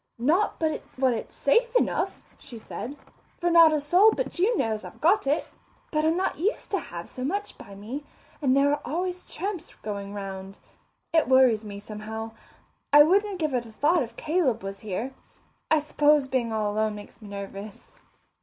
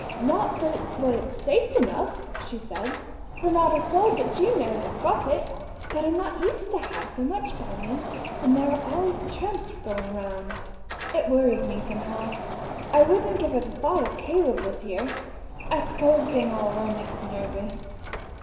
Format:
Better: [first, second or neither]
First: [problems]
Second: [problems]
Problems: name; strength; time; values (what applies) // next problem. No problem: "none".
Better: first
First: none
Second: background sound (Door); 8 dB below the speech // room echo; dies away in 2.1 s